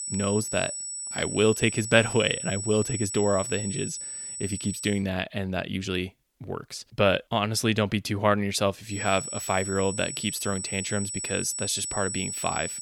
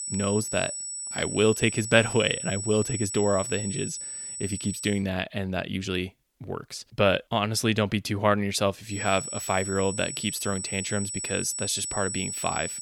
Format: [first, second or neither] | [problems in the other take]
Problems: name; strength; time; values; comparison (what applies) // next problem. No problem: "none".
neither | high-pitched whine; loud; until 5 s and from 9 s on; 8 kHz, 5 dB below the speech; the same in both